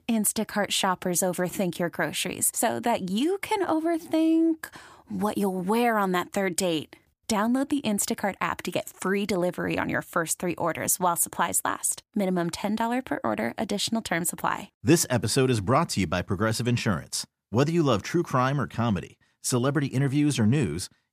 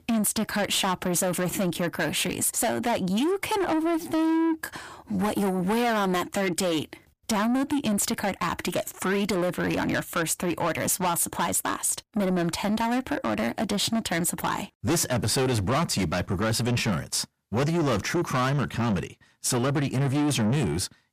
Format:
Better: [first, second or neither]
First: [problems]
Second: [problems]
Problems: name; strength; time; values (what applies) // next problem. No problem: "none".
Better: first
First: none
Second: distortion; heavy; 7 dB below the speech